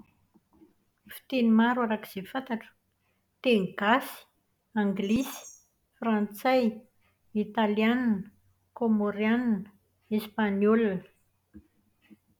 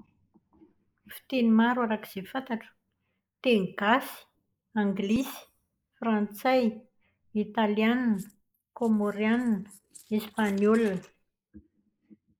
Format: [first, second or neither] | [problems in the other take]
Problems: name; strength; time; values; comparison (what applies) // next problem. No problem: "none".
first | noise reduction (neural mask model Resemble Enhance denoiser)